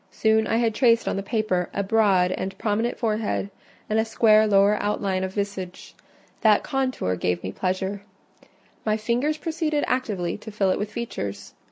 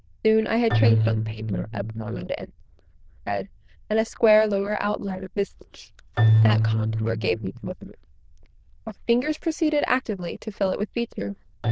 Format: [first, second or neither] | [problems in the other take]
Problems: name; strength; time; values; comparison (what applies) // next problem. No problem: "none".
first | noise reduction (neural diffusion model UNIVERSE++)